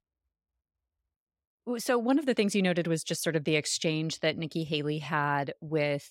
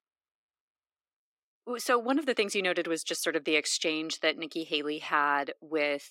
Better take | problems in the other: first | thin; somewhat; fading below 300 Hz

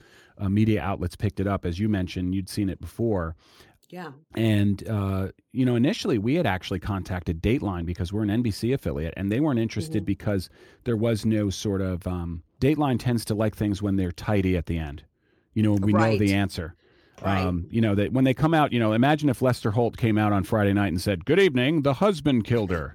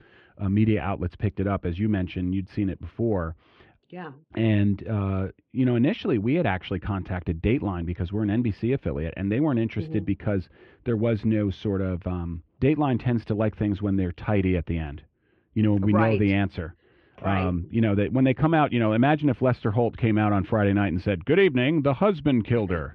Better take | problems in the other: first | muffled; very; fading above 3 kHz

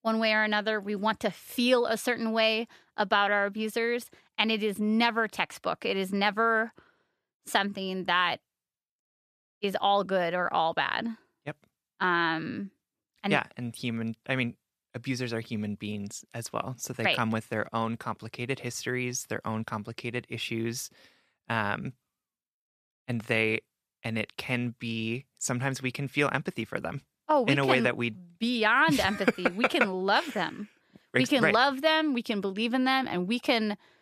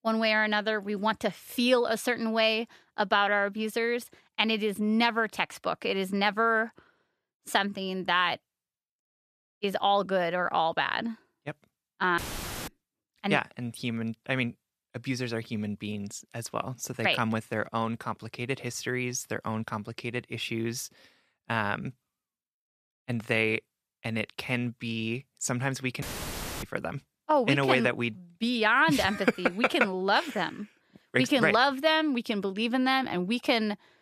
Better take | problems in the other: first | audio cutting out; filled with static; at 12 s for 0.5 s and at 26 s for 0.5 s

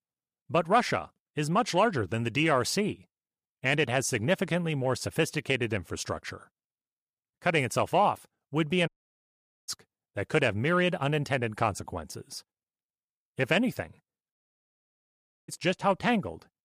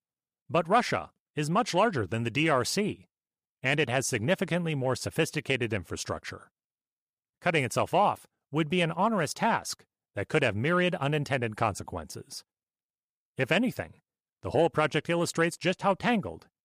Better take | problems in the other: second | audio cutting out; at 9 s for 1 s and at 14 s for 1 s

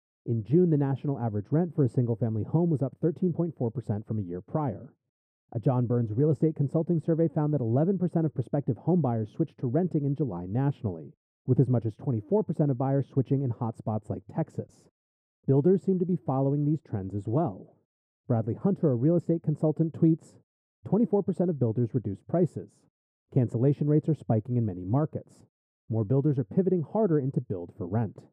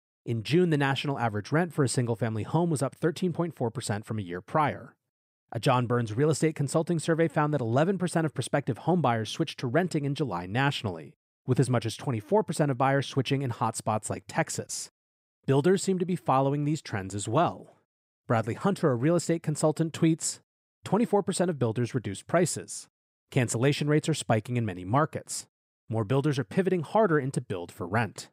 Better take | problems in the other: second | muffled; very; fading above 1 kHz

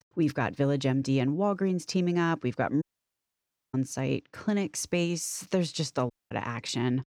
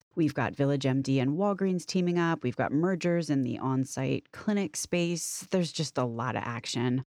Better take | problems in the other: second | audio cutting out; at 3 s for 1 s and at 6 s

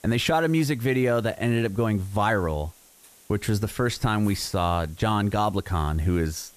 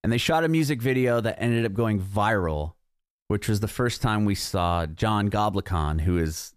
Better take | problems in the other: second | hiss; faint; throughout; 25 dB below the speech

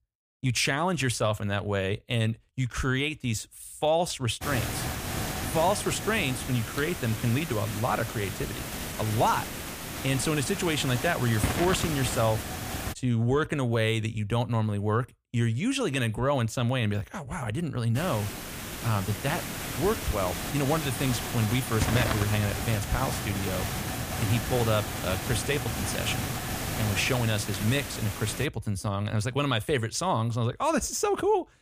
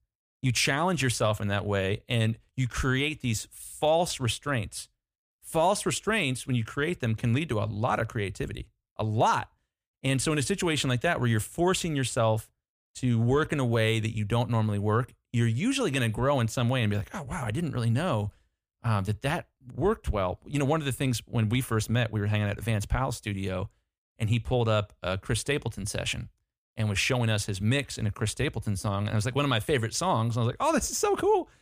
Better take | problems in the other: second | hiss; loud; from 4.5 to 13 s and from 18 to 28 s; 5 dB below the speech

